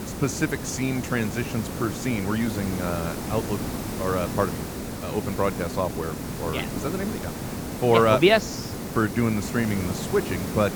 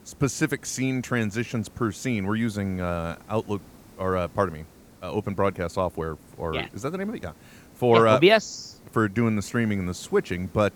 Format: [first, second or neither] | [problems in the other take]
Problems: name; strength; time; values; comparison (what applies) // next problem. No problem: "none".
second | hiss; loud; throughout; 6 dB below the speech; faint in the second